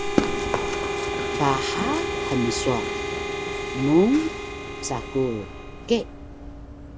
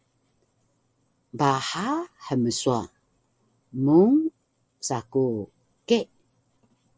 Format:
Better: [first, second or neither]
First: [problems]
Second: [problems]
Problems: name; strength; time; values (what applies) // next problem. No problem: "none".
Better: second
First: background sound (Harmonica + Run); 2 dB below the speech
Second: none